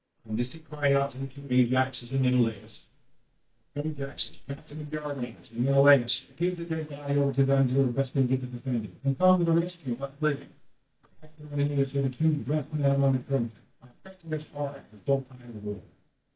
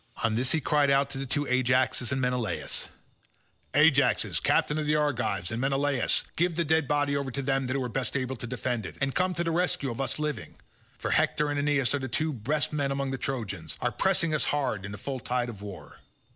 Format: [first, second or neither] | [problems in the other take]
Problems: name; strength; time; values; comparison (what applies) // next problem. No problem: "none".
second | noise reduction (neural mask model DeepFilterNet 3)